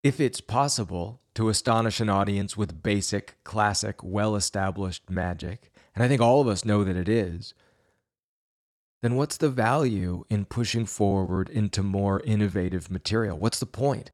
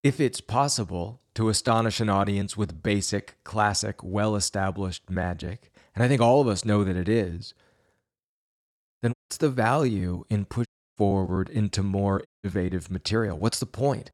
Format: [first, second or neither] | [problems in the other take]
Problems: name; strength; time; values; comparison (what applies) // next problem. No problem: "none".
first | audio cutting out; at 9 s, at 11 s and at 12 s